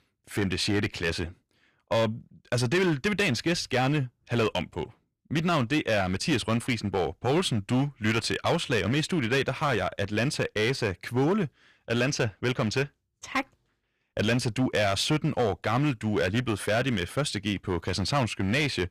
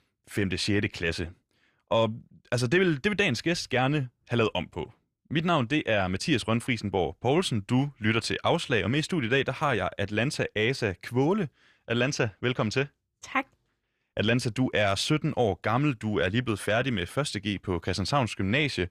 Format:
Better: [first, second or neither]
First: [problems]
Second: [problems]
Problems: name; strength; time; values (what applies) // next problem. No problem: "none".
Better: second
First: distortion; slight; 7% of the sound clipped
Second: none